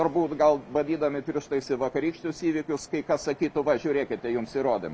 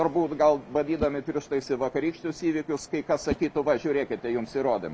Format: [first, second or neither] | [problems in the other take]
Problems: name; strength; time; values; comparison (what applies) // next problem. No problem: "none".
first | background sound (Whoosh, swoosh, swish); 17 dB below the speech